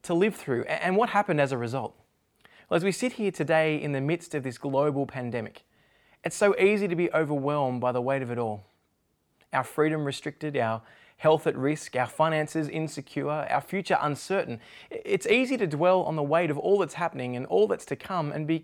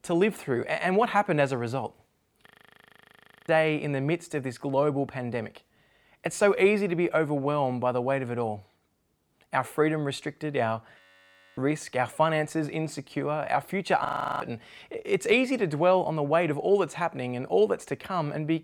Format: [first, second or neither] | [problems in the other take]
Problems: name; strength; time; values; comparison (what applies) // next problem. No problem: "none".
first | audio freezing; at 2.5 s for 1 s, at 11 s for 0.5 s and at 14 s